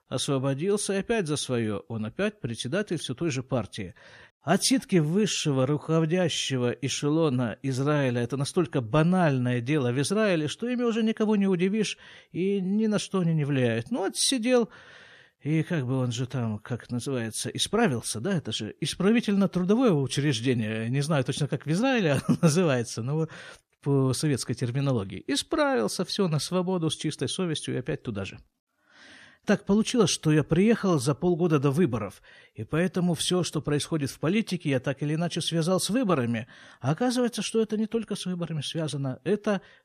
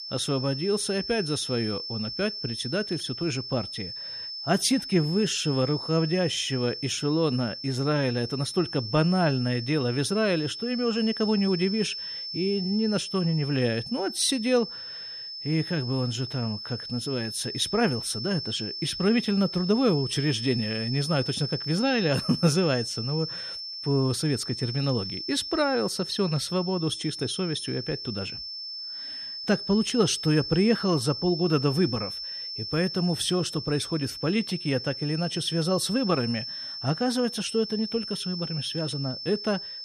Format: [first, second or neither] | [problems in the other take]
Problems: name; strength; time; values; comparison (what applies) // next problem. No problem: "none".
first | high-pitched whine; loud; throughout; 5.5 kHz, 7 dB below the speech